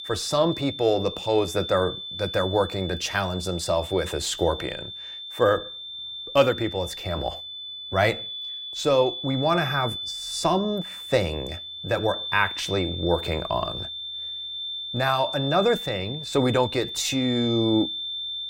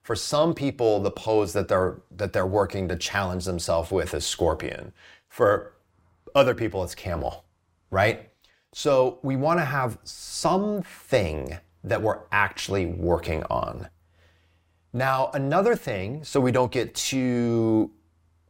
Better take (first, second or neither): second